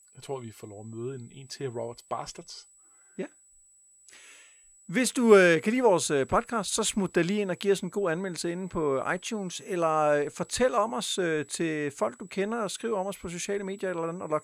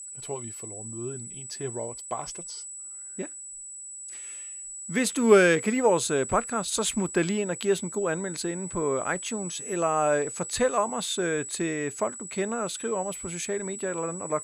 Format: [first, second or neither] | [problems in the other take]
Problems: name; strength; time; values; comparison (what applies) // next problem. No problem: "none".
first | high-pitched whine; loud; throughout; 8 kHz, 9 dB below the speech; faint in the first